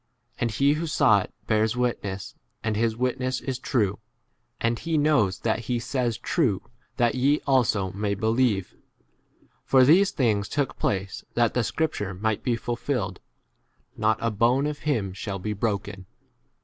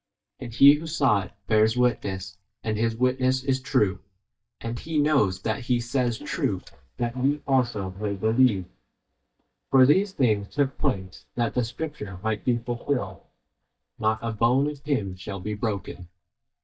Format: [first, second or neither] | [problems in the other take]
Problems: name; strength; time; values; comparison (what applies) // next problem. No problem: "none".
first | noise reduction (neural mask model DeepFilterNet 3)